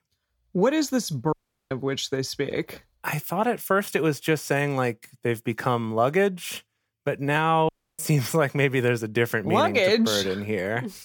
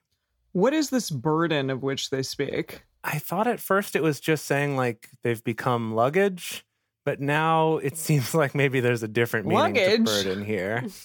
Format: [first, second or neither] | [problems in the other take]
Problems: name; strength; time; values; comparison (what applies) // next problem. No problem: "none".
second | audio cutting out; at 1.5 s and at 7.5 s